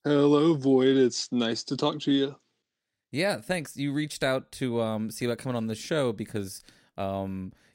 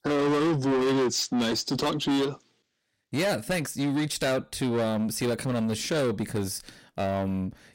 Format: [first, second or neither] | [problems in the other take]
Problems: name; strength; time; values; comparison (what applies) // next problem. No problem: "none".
first | distortion; heavy; 6 dB below the speech